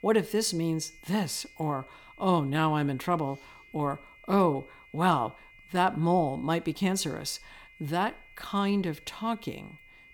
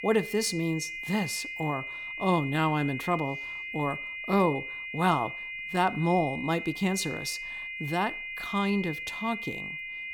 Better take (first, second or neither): first